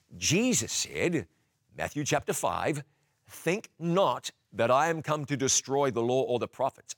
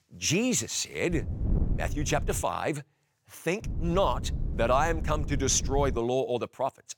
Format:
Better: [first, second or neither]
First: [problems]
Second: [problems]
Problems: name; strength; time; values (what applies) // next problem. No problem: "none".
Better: first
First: none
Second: wind noise on the microphone; occasional gusts; from 1 to 2.5 s and from 3.5 to 6 s; 15 dB below the speech